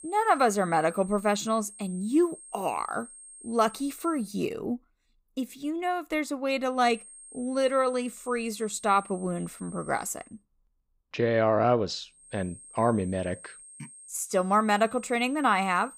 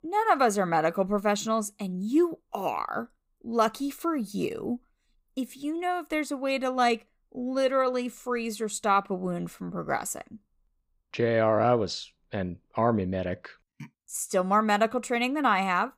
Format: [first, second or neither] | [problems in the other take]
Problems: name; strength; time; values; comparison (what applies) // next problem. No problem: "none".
second | high-pitched whine; noticeable; until 4.5 s, from 7 to 10 s and from 12 s on; 8.5 kHz, 20 dB below the speech